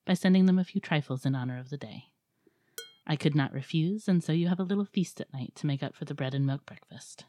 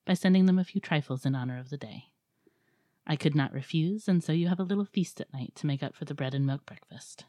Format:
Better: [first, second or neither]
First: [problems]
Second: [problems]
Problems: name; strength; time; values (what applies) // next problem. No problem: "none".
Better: second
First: clattering dishes; faint; at 3 s; peak 15 dB below the speech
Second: none